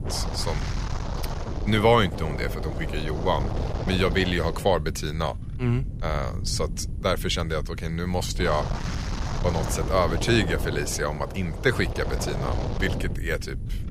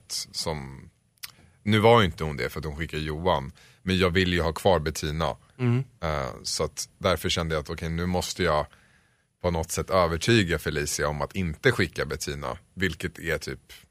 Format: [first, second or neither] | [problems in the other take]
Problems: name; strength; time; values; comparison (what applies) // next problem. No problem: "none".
second | wind noise on the microphone; heavy; 9 dB below the speech